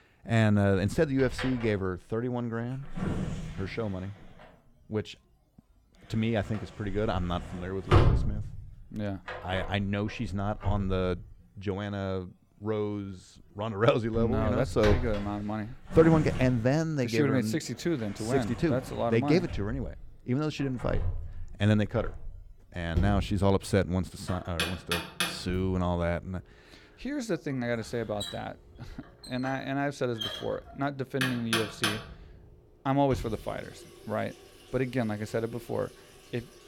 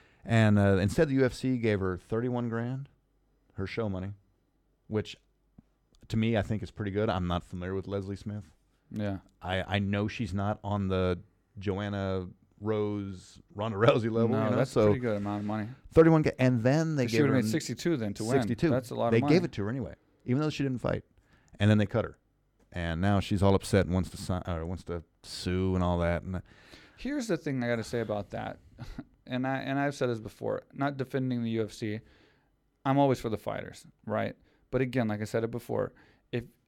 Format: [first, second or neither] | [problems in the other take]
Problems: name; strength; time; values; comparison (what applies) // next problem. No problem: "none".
second | household noises; loud; throughout; 5 dB below the speech